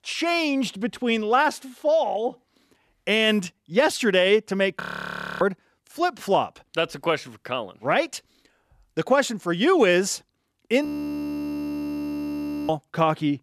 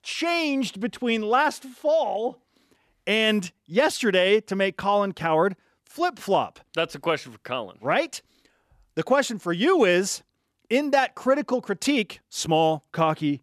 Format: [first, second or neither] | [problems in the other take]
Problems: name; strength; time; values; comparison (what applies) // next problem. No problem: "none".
second | audio freezing; at 5 s for 0.5 s and at 11 s for 2 s